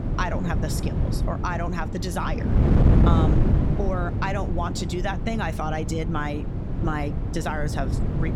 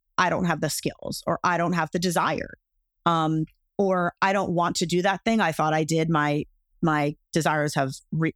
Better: second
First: wind noise on the microphone; heavy; 4 dB below the speech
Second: none

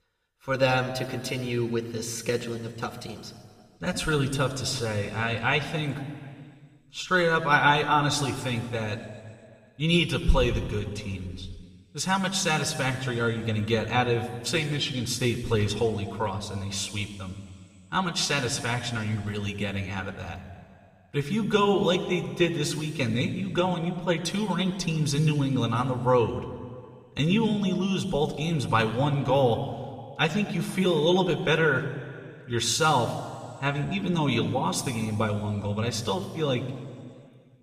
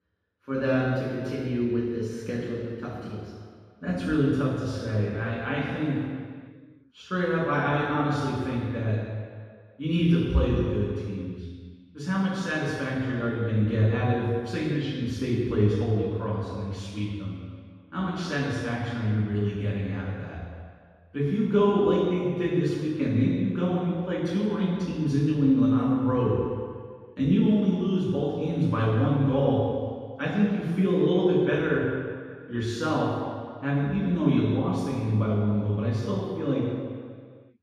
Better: first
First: room echo; slight; dies away in 1.8 s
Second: room echo; strong; dies away in 1.8 s // off-mic speech; far

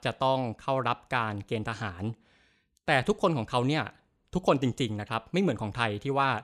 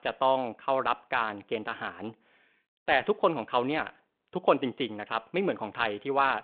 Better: first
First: none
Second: phone-call audio; nothing above 3.5 kHz

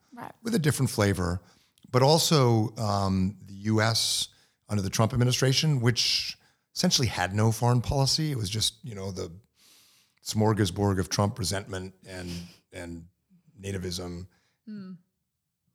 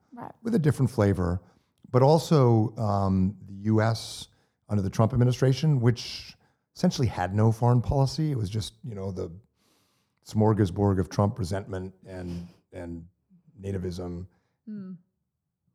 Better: first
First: none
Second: muffled; slightly; fading above 1.5 kHz

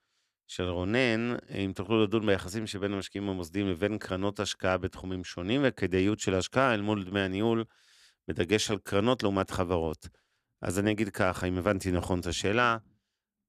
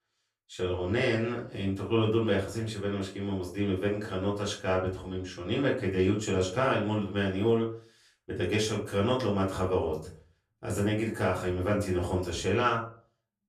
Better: first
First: none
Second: room echo; slight; dies away in 0.3 s // off-mic speech; far

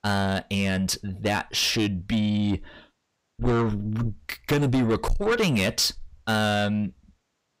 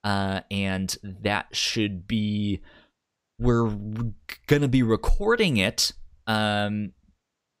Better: second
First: distortion; heavy; 8 dB below the speech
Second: none

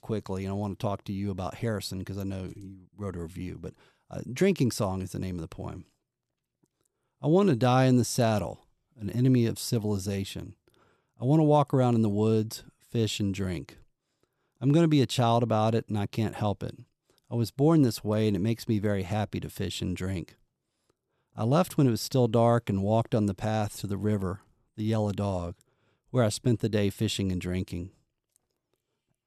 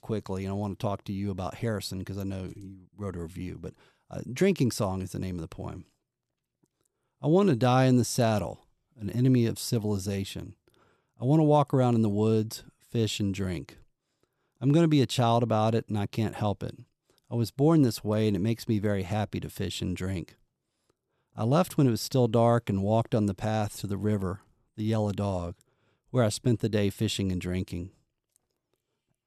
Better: neither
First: none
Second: none

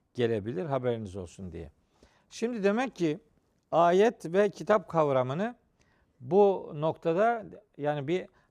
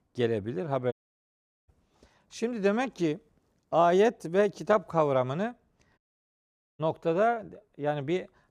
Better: first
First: none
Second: audio cutting out; at 1 s for 1 s and at 6 s for 1 s

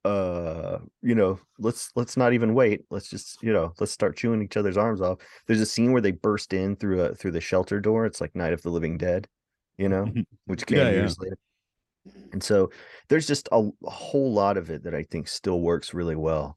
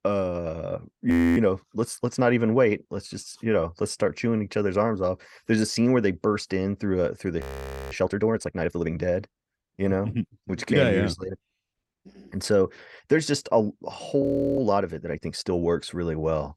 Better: first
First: none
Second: audio freezing; at 1 s, at 7.5 s for 0.5 s and at 14 s

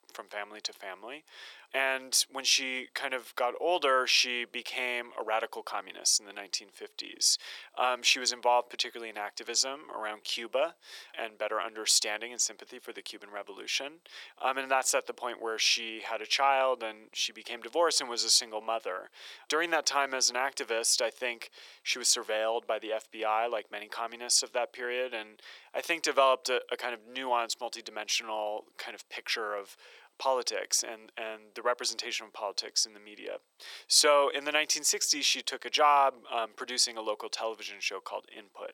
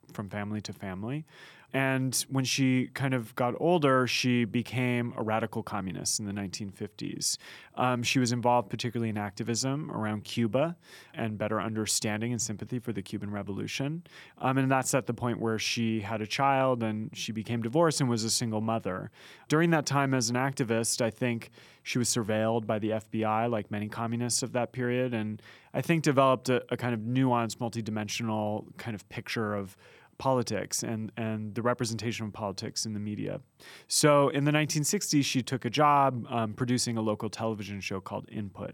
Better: second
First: thin; very; fading below 450 Hz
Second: none

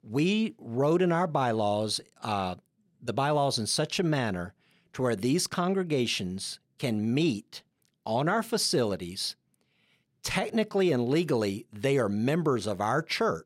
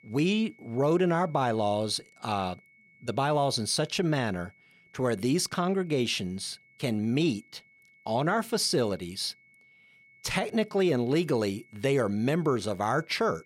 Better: first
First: none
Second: high-pitched whine; faint; throughout; 2 kHz, 30 dB below the speech

